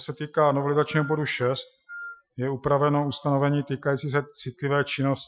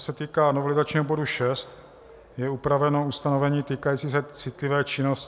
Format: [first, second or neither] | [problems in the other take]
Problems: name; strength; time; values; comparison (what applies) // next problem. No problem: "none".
second | noise reduction (classical method Wiener filter)